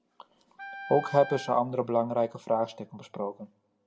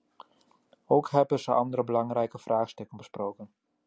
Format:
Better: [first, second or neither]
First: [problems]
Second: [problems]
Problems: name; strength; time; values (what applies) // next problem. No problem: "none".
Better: second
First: background sound (Wind instrument, woodwind instrument); 14 dB below the speech // room echo; dies away in 0.3 s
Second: none